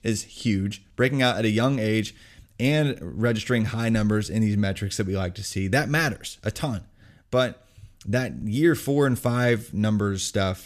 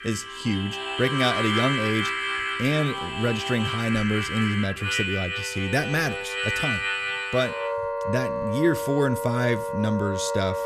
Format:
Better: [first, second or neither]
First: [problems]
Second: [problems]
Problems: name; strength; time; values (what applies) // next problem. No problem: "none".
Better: first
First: none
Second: background music; loud; throughout; 1 dB below the speech